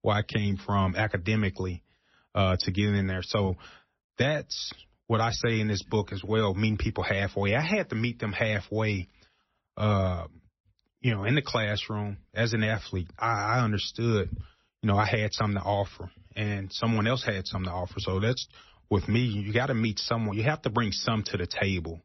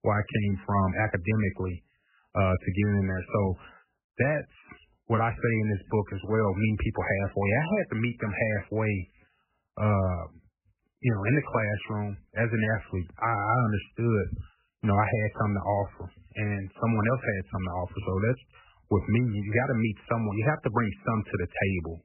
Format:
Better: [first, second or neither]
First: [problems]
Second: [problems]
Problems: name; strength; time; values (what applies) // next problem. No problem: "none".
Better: first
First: garbled, watery; slightly; nothing above 6 kHz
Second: garbled, watery; badly; nothing above 2.5 kHz